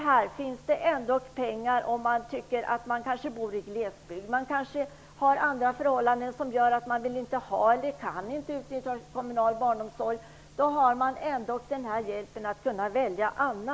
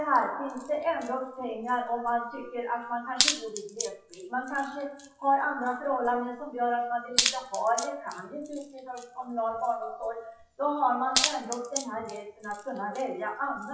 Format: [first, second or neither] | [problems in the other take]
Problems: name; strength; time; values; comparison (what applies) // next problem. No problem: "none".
first | noise reduction (classical method WPE with log-MMSE)